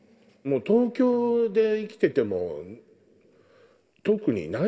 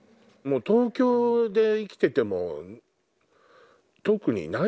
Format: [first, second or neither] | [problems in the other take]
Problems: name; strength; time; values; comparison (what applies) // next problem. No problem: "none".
second | room echo; dies away in 1.8 s